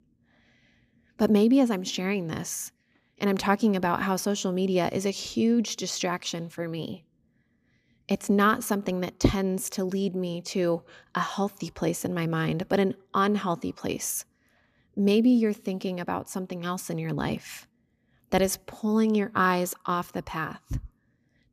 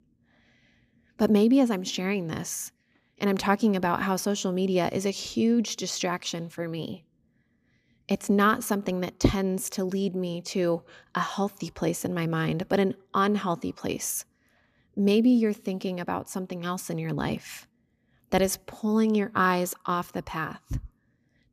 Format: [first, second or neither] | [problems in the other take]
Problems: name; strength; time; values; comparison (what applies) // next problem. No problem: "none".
neither | none